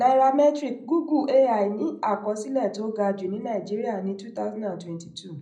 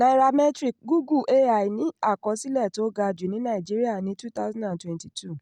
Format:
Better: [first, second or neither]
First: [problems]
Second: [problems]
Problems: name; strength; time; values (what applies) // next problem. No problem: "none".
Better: second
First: room echo; dies away in 0.4 s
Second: none